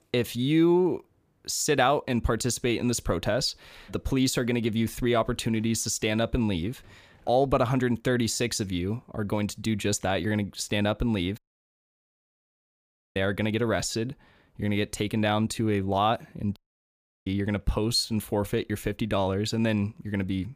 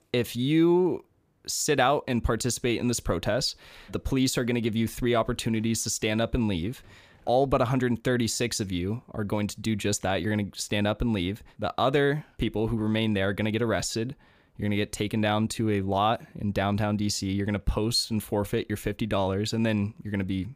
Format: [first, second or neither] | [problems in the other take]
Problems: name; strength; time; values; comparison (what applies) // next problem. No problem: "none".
second | audio cutting out; at 11 s for 2 s and at 17 s for 0.5 s